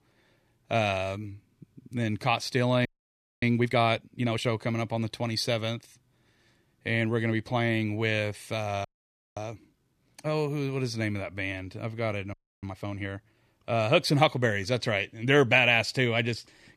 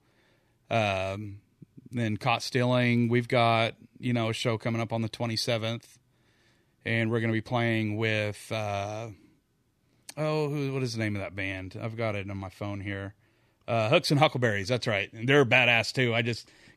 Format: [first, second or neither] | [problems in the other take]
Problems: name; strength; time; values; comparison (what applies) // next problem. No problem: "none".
second | audio freezing; at 3 s for 0.5 s, at 9 s for 0.5 s and at 12 s